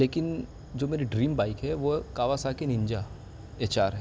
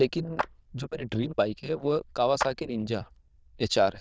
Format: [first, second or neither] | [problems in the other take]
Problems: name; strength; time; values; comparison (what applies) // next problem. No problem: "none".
first | noise reduction (neural diffusion model UNIVERSE++)